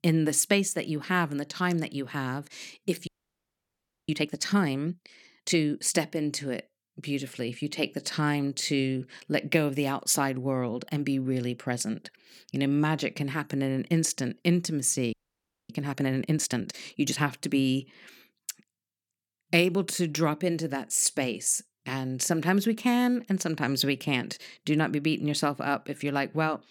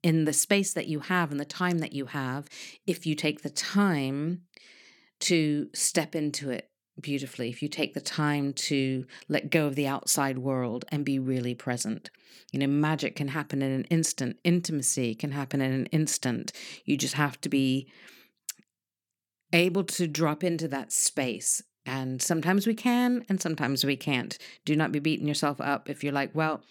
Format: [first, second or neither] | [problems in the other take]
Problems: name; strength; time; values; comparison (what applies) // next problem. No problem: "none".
second | audio freezing; at 3 s for 1 s and at 15 s for 0.5 s